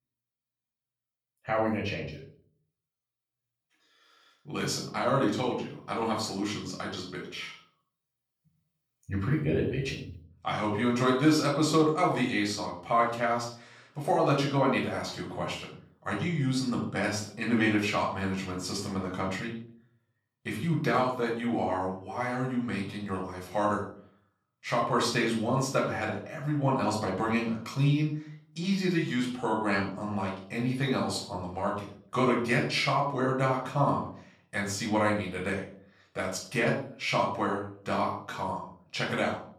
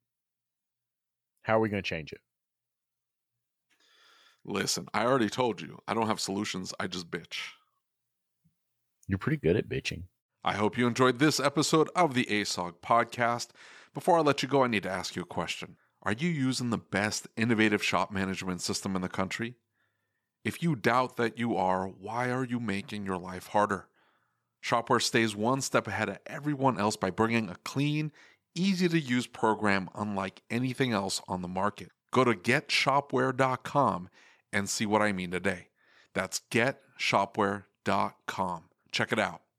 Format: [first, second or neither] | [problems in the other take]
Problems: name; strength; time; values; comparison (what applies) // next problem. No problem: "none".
second | off-mic speech; far // room echo; noticeable; dies away in 0.5 s